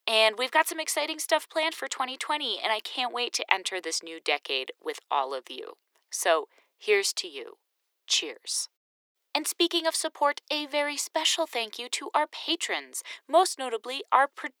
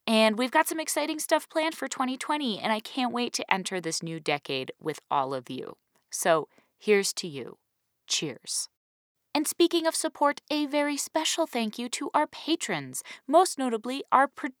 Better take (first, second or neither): second